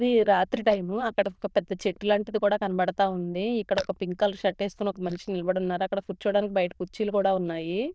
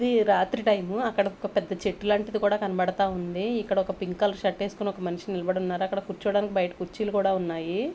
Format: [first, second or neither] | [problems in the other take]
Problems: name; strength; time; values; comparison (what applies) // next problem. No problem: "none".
second | noise reduction (neural diffusion model UNIVERSE++)